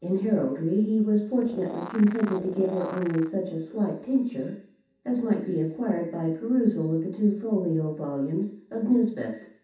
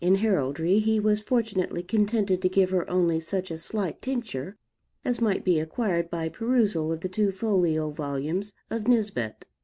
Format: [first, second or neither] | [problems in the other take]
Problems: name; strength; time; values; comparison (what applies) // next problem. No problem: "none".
second | background sound (Animal); 14 dB below the speech // room echo; dies away in 0.7 s